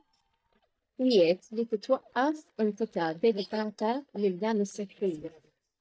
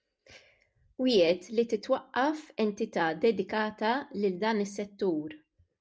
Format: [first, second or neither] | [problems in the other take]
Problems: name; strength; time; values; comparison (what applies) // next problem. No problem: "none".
second | noise reduction (neural mask model DeepFilterNet 3)